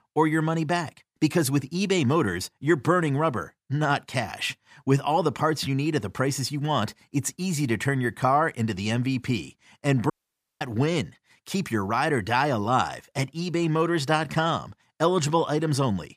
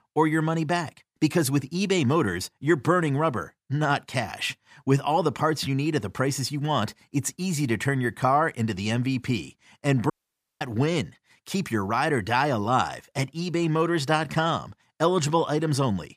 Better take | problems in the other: neither | audio cutting out; at 10 s for 0.5 s; the same in both

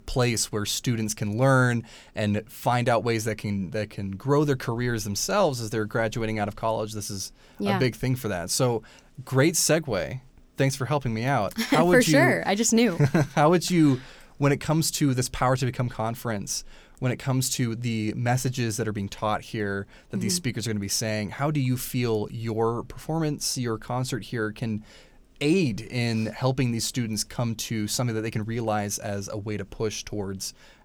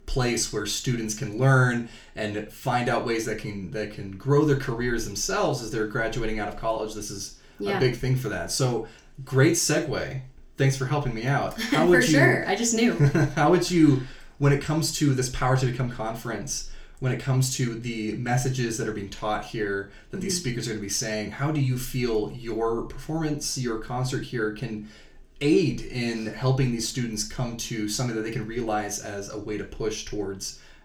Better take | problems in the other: first | room echo; very slight; dies away in 0.3 s // off-mic speech; somewhat distant

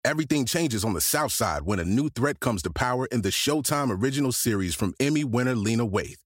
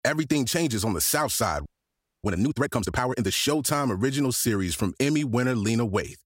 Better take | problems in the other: first | audio freezing; at 1.5 s for 0.5 s

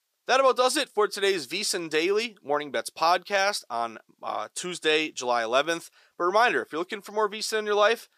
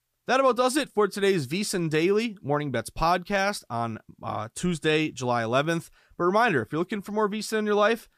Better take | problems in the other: second | thin; somewhat; fading below 450 Hz

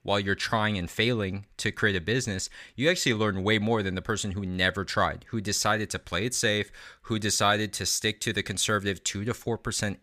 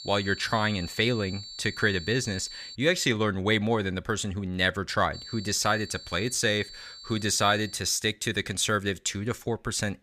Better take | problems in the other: first | high-pitched whine; noticeable; until 3 s and from 5 to 8 s; 4.5 kHz, 15 dB below the speech

